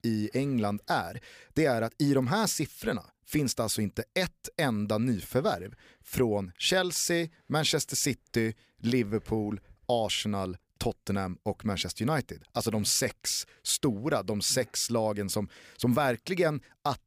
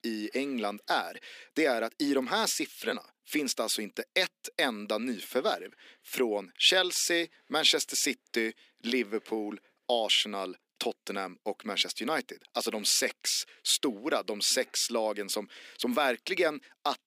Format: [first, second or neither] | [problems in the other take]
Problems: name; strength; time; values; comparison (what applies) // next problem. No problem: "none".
first | thin; very slightly; fading below 250 Hz